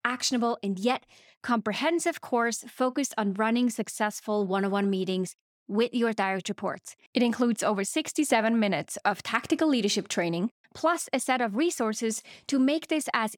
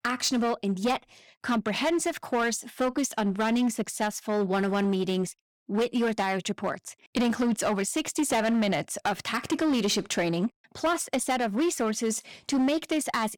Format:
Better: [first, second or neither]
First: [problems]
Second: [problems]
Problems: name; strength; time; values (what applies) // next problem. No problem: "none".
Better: first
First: none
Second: distortion; slight; 11% of the sound clipped